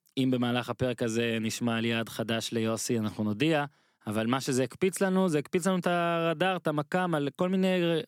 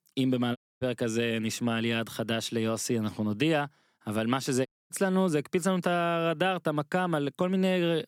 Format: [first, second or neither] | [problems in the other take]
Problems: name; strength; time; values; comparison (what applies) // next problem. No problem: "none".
first | audio cutting out; at 0.5 s and at 4.5 s